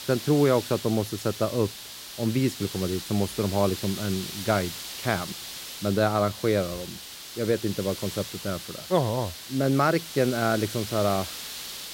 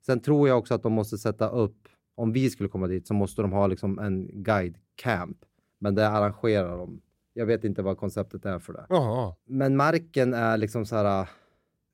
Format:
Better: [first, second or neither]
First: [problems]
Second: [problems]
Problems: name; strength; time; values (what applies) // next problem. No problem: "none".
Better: second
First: hiss; loud; throughout; 9 dB below the speech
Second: none